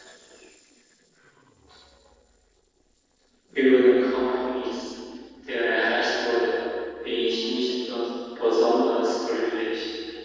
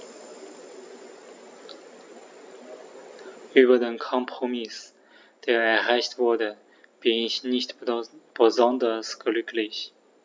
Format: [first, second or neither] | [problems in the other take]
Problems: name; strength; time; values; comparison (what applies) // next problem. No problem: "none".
second | noise reduction (neural separator model SepFormer DNS4)